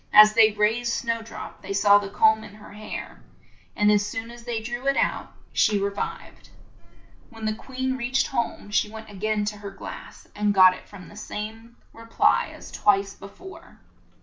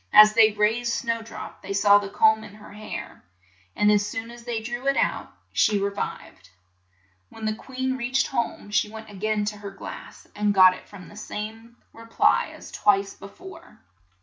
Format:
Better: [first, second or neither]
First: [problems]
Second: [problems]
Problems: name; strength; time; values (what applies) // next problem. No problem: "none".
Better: second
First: background sound (Sliding door); 18 dB below the speech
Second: none